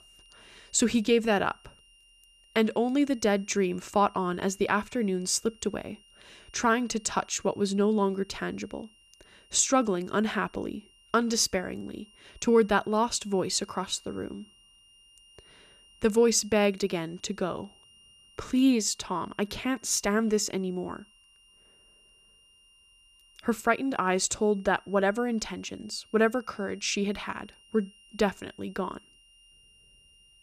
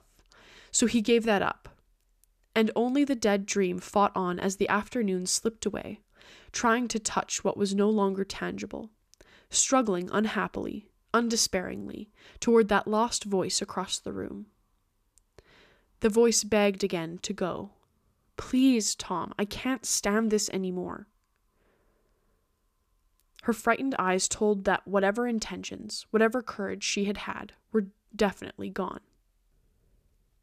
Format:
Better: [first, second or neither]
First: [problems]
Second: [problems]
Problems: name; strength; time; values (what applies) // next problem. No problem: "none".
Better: second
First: high-pitched whine; faint; throughout; 3 kHz, 30 dB below the speech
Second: none